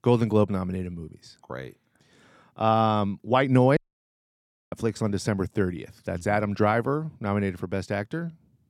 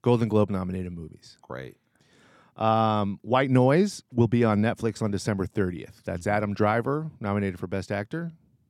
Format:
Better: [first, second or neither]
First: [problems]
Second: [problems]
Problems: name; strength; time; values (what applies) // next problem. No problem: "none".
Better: second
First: audio cutting out; at 4 s for 1 s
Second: none